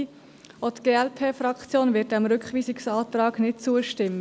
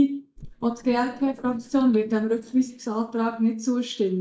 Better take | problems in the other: first | noise reduction (neural mask model DeepFilterNet 3)

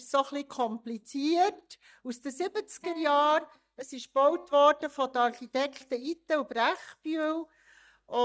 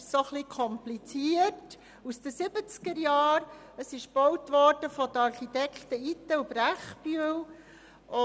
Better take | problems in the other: second | noise reduction (neural mask model DeepFilterNet 3)

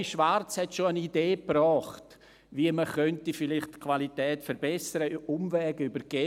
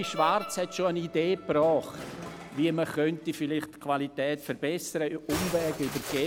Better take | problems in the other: first | background sound (Musical instrument); 12 dB below the speech

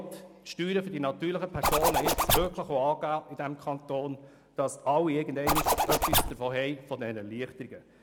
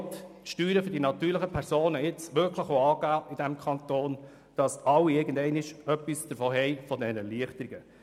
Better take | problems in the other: second | background sound (Zipper (clothing)); 4 dB above the speech

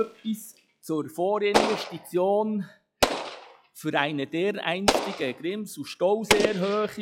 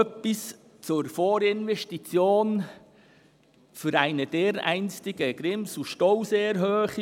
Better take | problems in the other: second | noise reduction (classical method log-MMSE)

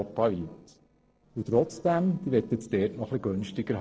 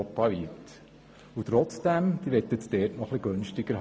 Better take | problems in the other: second | noise reduction (neural separator model SepFormer DNS4)

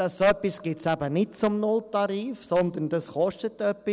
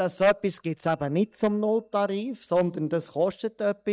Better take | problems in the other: first | noise reduction (neural mask model DeepFilterNet 3)

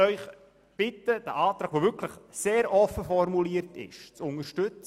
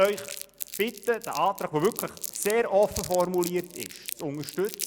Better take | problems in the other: first | background sound (Crumpling, crinkling); 12 dB below the speech

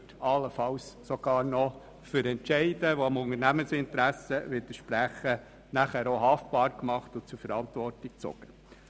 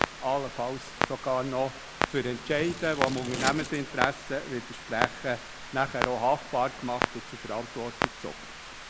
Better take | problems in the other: first | background sound (Clock + Scissors); 3 dB below the speech

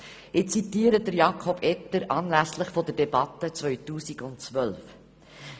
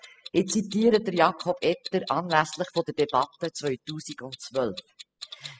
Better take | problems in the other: first | noise reduction (classical method spectral subtraction)

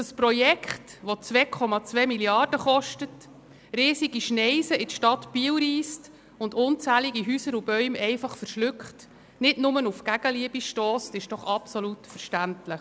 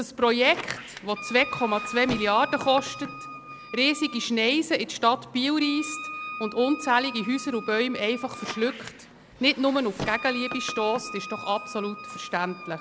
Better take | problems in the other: first | background sound (Wind instrument, woodwind instrument + Squeak); 12 dB below the speech

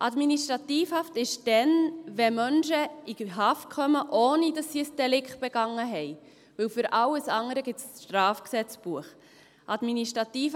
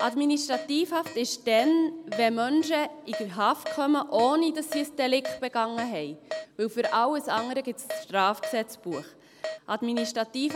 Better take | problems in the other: first | background sound (Keyboard (musical)); 12 dB below the speech

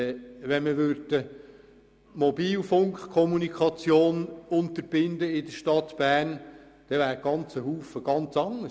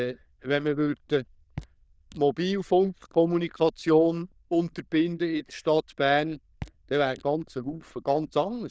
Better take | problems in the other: first | noise reduction (neural diffusion model UNIVERSE++)

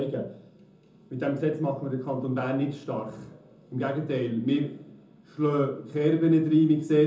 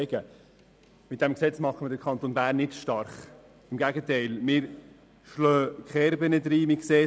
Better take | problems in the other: second | room echo; dies away in 0.5 s

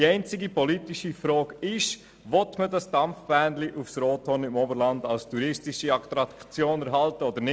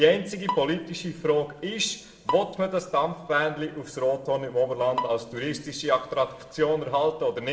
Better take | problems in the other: first | background sound (Bowed string instrument); 12 dB below the speech // room echo; dies away in 0.7 s

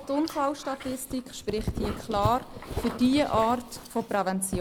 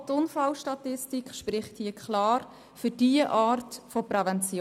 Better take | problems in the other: second | background sound (Dog); 9 dB below the speech

